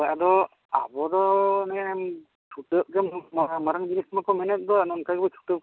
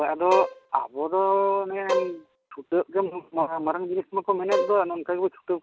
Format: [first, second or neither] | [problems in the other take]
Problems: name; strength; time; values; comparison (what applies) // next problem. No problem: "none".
first | background sound (Bowed string instrument); 5 dB below the speech